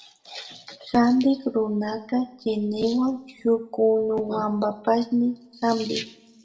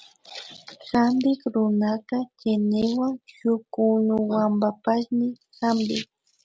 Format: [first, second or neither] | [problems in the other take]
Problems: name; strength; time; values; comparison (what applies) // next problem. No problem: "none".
second | room echo; dies away in 0.6 s